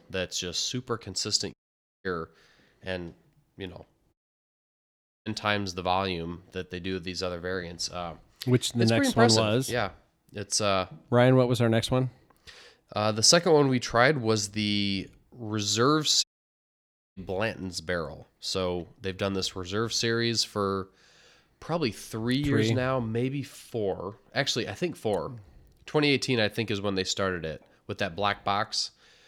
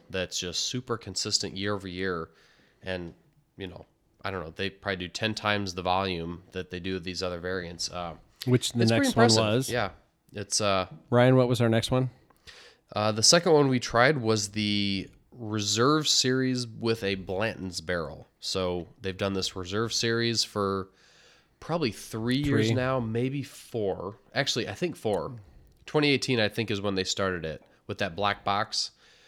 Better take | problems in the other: second | audio cutting out; at 1.5 s for 0.5 s, at 4 s for 1 s and at 16 s for 1 s

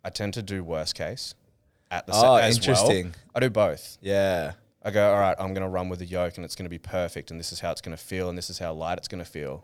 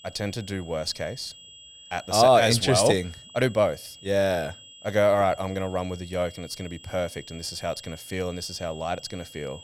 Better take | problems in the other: first | high-pitched whine; noticeable; throughout; 3.5 kHz, 20 dB below the speech

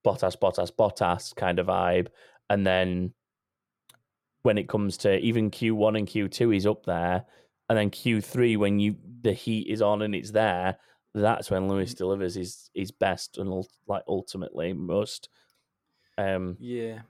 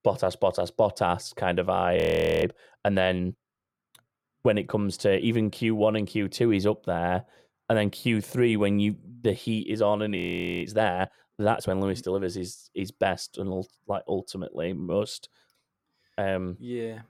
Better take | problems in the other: first | audio freezing; at 2 s and at 10 s

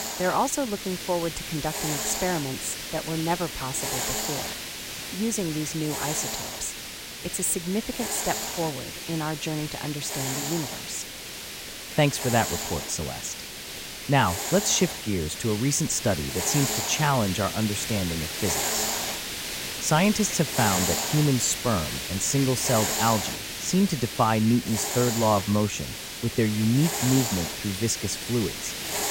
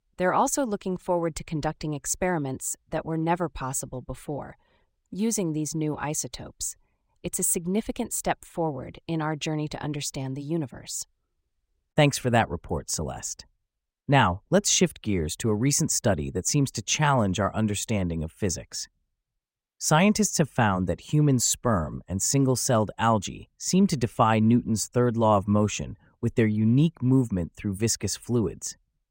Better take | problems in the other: second | hiss; loud; throughout; 3 dB below the speech

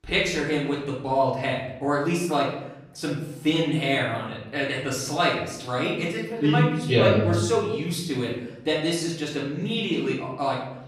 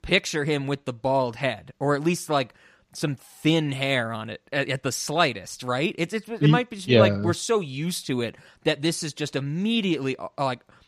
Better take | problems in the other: second | off-mic speech; far // room echo; noticeable; dies away in 0.8 s

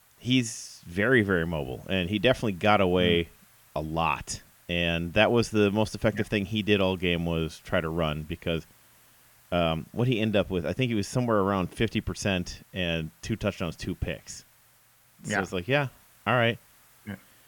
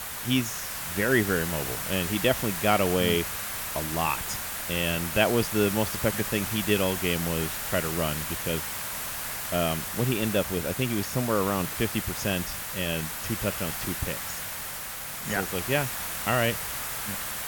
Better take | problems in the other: first | hiss; loud; throughout; 3 dB below the speech; faint in the first

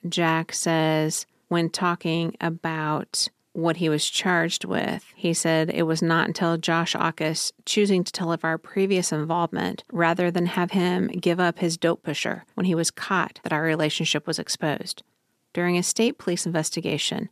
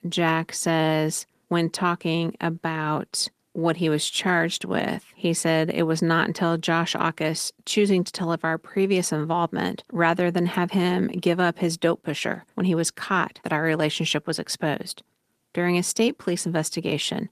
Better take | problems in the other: first | garbled, watery; slightly; nothing above 14.5 kHz

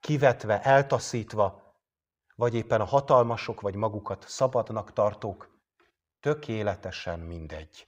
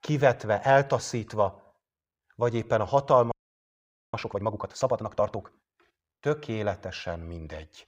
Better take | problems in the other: first | audio freezing; at 3.5 s for 1 s

